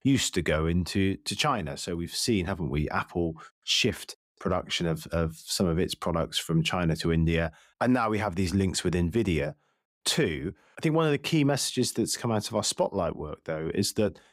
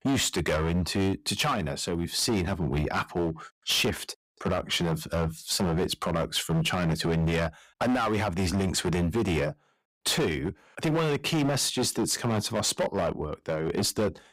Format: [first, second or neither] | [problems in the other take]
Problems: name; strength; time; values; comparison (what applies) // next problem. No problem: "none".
first | distortion; heavy; 15% of the sound clipped